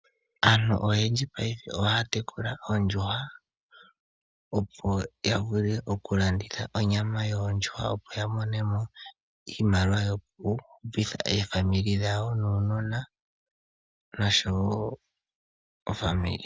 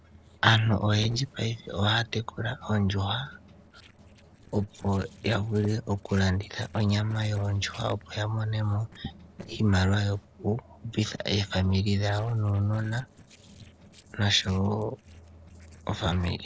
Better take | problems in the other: first | noise reduction (neural separator model SepFormer DNS4)

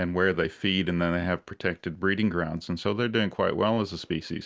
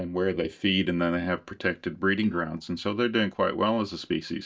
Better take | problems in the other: first | noise reduction (neural mask model DeepFilterNet 3)

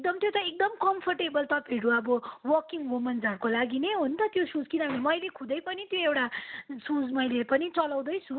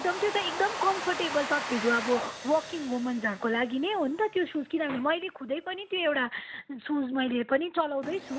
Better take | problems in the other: first | background sound (Domestic sounds, home sounds); 11 dB below the speech

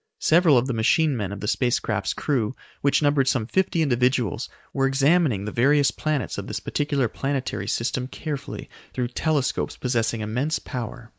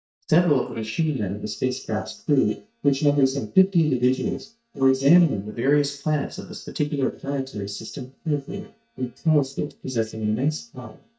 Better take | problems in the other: first | noise reduction (neural mask model DeepFilterNet 3)

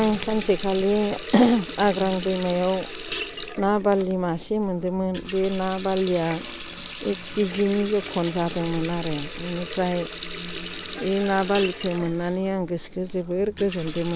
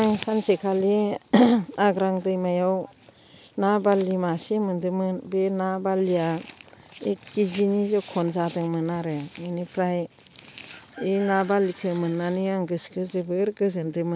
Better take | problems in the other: second | background sound (Water tap, faucet); 10 dB below the speech

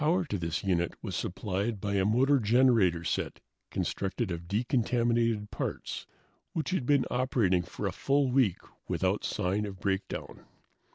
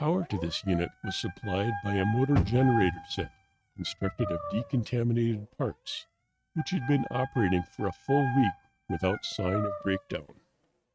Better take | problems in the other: first | noise reduction (neural mask model RNNoise)

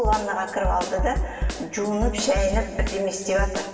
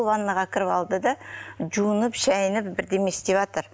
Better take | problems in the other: second | background sound (Snare drum); 2 dB below the speech // room echo; dies away in 2.3 s

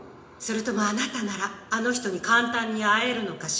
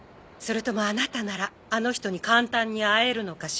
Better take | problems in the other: second | room echo; dies away in 0.8 s

